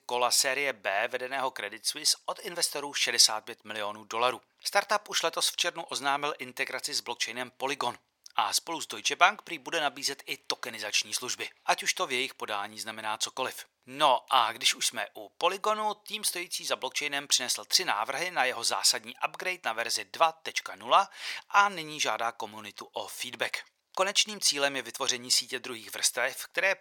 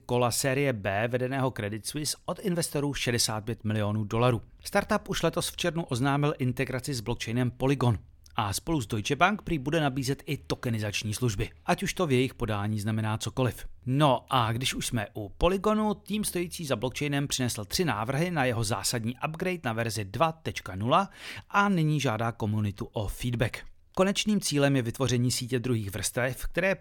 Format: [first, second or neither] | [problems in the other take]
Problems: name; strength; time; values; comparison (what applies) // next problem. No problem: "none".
second | thin; very; fading below 650 Hz